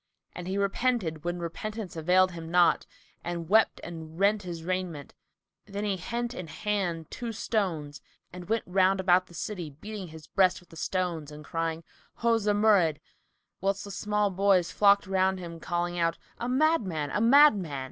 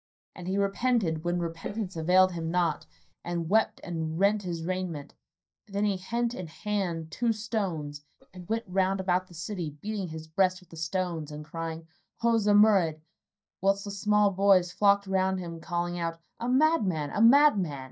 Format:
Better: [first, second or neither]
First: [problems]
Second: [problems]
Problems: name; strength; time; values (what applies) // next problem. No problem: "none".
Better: first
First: none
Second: noise reduction (neural mask model DeepFilterNet 3)